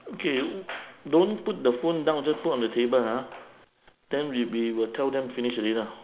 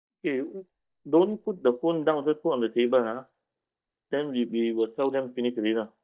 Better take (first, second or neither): first